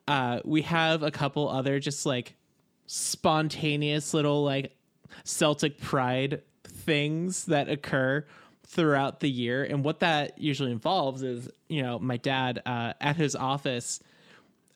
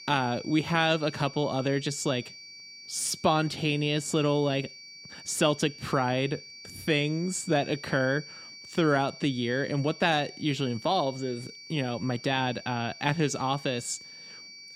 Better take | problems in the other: first | high-pitched whine; noticeable; throughout; 4.5 kHz, 15 dB below the speech

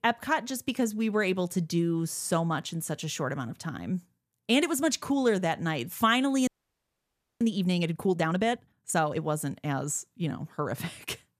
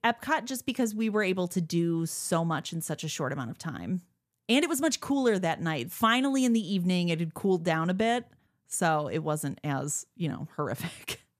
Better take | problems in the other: second | audio freezing; at 6.5 s for 1 s

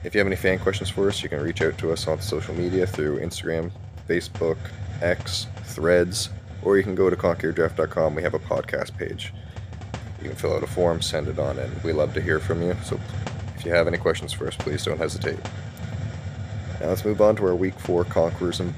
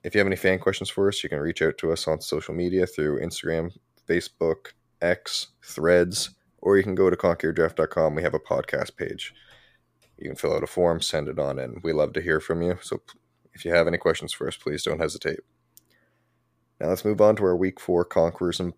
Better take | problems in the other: second | hiss; loud; throughout; 10 dB below the speech

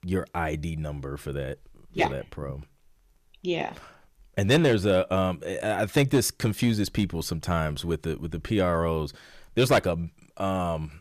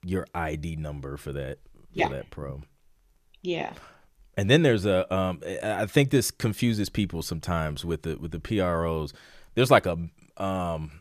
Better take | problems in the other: second | distortion; slight; 1.6% of the sound clipped

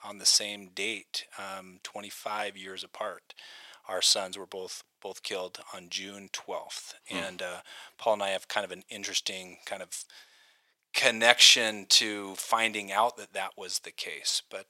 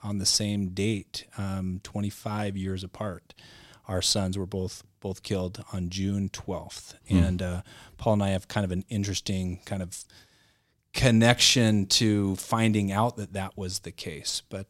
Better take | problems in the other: second | thin; very; fading below 700 Hz

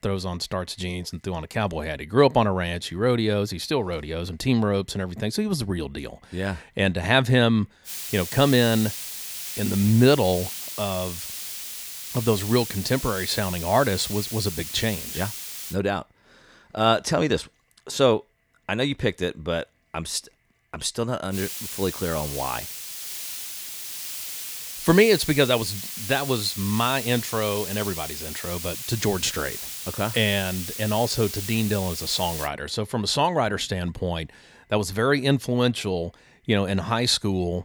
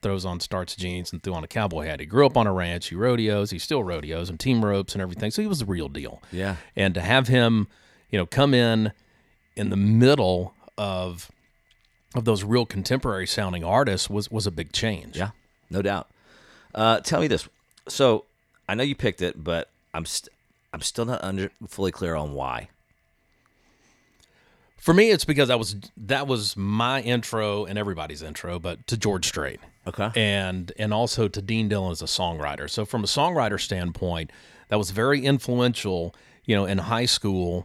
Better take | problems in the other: second | hiss; loud; from 8 to 16 s and from 21 to 32 s; 7 dB below the speech

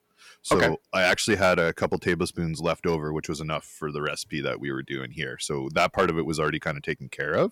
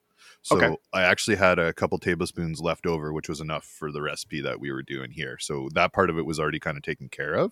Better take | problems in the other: second | distortion; slight; 1.4% of the sound clipped

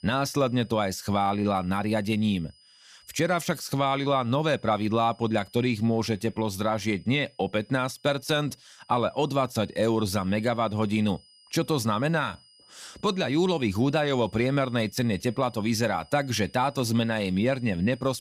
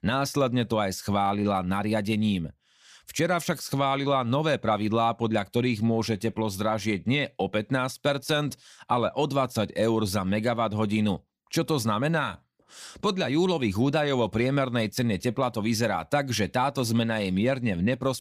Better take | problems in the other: second | high-pitched whine; faint; throughout; 5 kHz, 30 dB below the speech

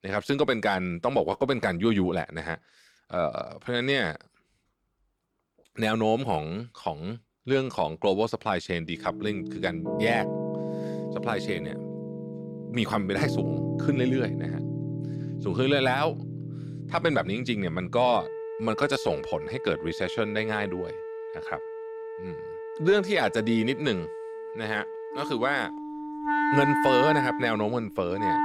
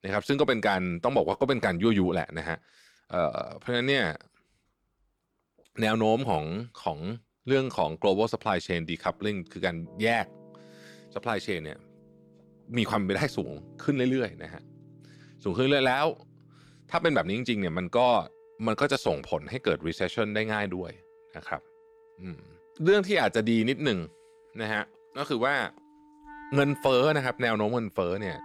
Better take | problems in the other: second | background music; loud; from 9 s on; 5 dB below the speech; faint in the second

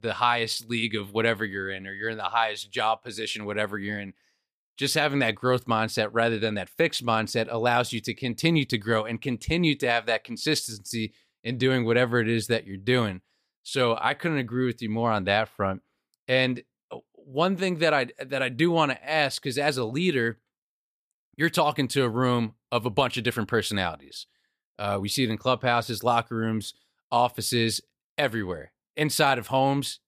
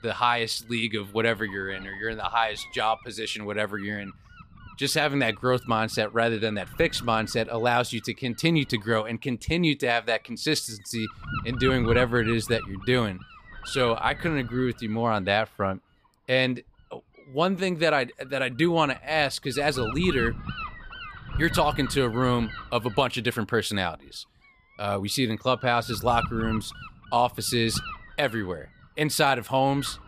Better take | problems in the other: first | wind noise on the microphone; occasional gusts; 15 dB below the speech

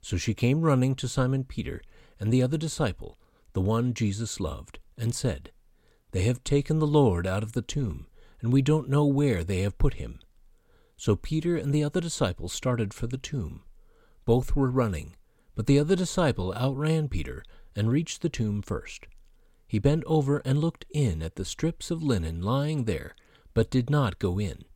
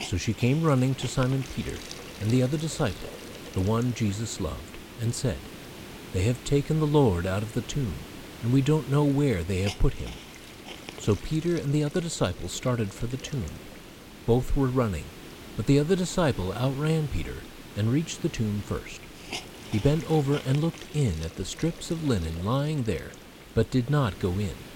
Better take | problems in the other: first | hiss; noticeable; throughout; 15 dB below the speech

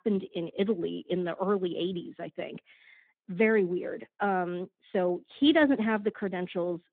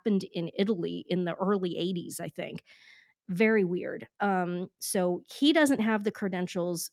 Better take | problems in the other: second | phone-call audio; nothing above 3.5 kHz

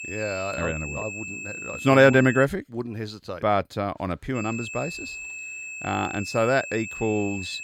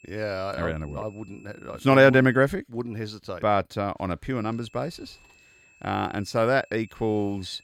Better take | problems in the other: second | high-pitched whine; loud; until 2.5 s and from 4.5 s on; 2.5 kHz, 9 dB below the speech; faint in the second

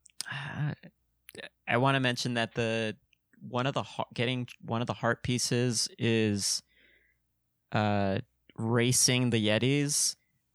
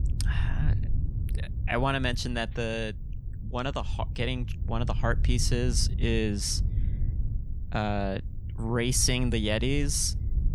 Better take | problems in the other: first | wind noise on the microphone; occasional gusts; 20 dB below the speech

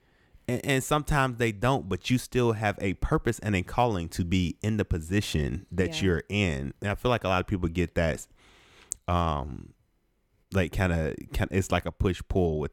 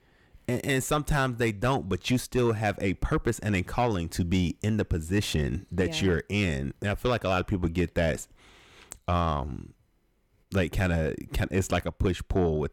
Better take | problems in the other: first | distortion; slight; 10 dB below the speech

